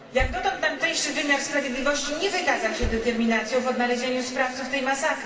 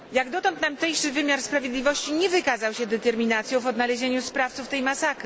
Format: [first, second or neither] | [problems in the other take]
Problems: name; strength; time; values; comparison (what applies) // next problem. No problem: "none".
second | background sound (Car); 11 dB below the speech // room echo; dies away in 2.4 s